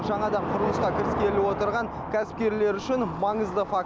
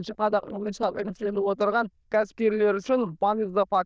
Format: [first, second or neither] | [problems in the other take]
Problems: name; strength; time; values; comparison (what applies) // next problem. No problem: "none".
first | noise reduction (neural diffusion model UNIVERSE++)